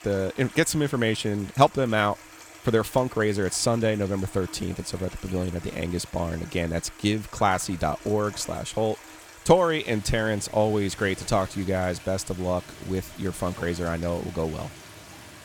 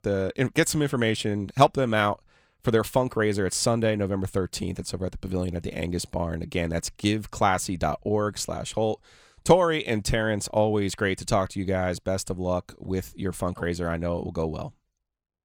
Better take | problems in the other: second | rain or running water; noticeable; throughout; 20 dB below the speech

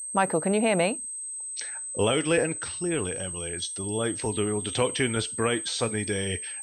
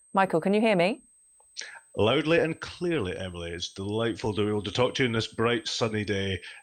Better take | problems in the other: second | high-pitched whine; loud; throughout; 8.5 kHz, 5 dB below the speech; faint in the second

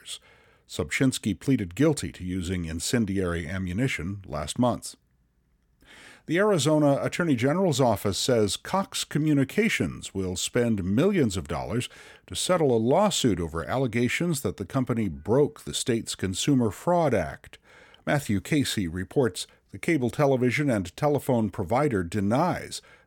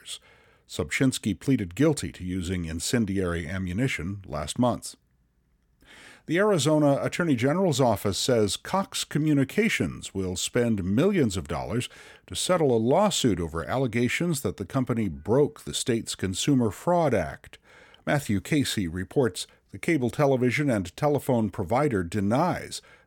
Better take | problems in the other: neither | none

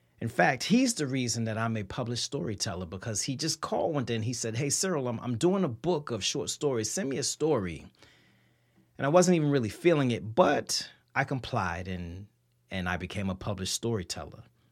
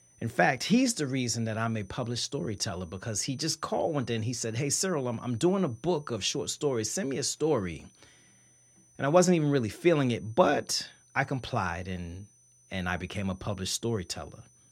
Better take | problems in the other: first | high-pitched whine; faint; throughout; 6 kHz, 30 dB below the speech

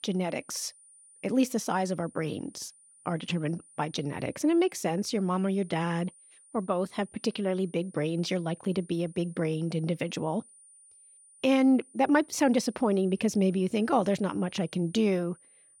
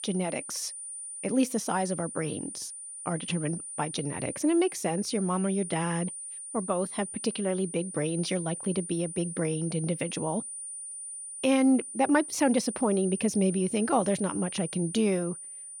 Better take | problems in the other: first | high-pitched whine; loud; throughout; 9.5 kHz, 8 dB below the speech; faint in the first

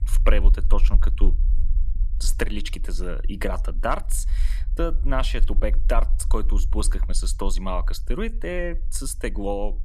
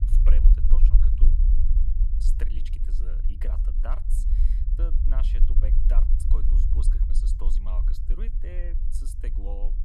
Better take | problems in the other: first | low rumble; loud; throughout; 1 dB below the speech; faint in the first

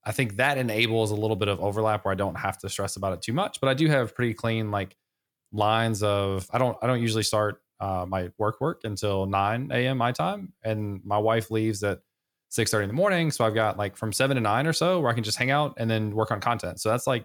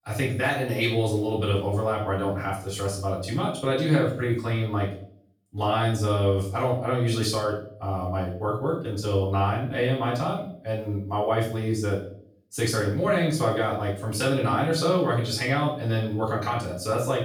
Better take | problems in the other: first | off-mic speech; far // room echo; noticeable; dies away in 0.5 s

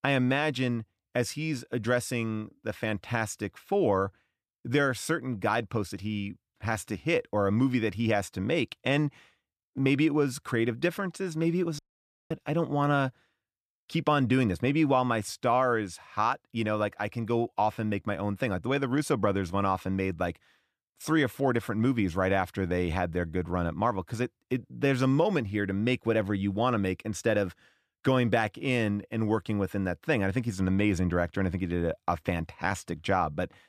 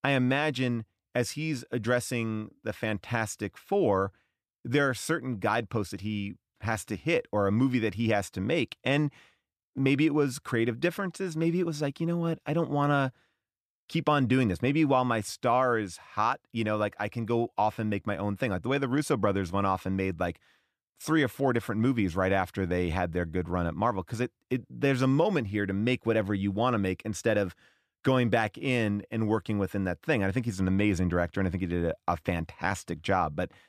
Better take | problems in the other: second | audio cutting out; at 12 s for 0.5 s

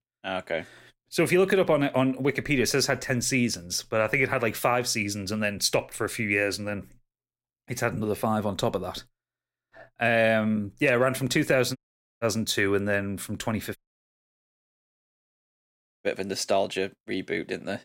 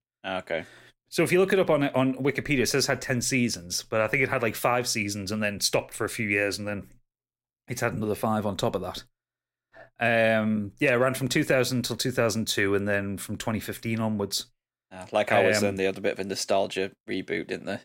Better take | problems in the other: second | audio cutting out; at 12 s and at 14 s for 2.5 s

